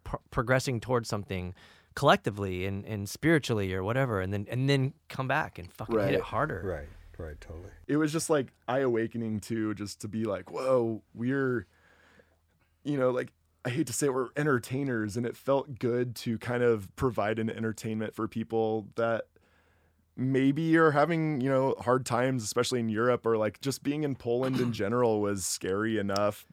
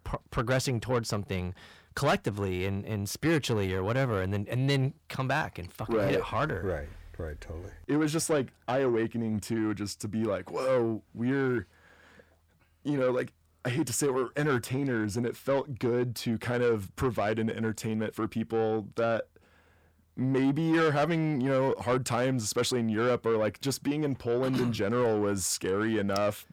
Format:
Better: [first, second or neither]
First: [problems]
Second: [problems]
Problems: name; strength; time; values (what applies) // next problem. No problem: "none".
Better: first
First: none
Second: distortion; slight; 10 dB below the speech